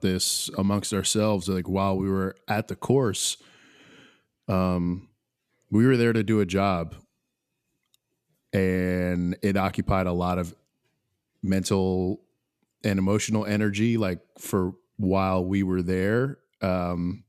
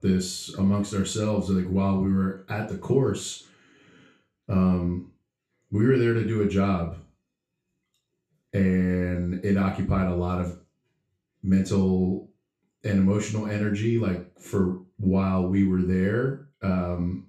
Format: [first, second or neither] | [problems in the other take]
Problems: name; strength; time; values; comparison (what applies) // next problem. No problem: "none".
first | room echo; noticeable; dies away in 0.3 s // off-mic speech; far